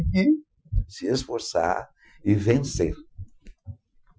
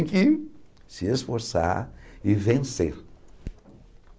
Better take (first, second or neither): second